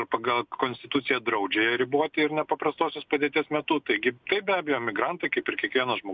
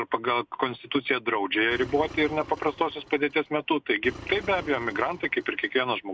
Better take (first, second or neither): first